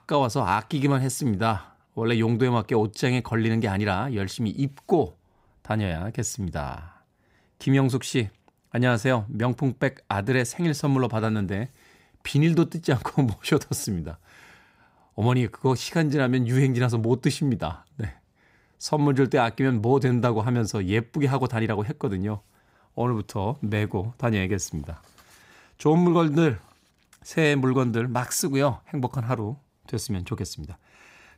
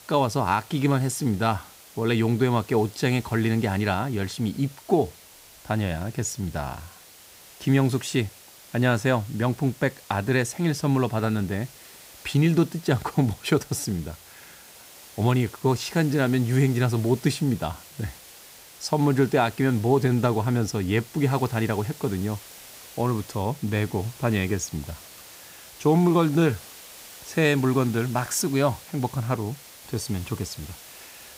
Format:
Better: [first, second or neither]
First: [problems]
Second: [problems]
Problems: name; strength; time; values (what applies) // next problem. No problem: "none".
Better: first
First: none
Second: hiss; noticeable; throughout; 20 dB below the speech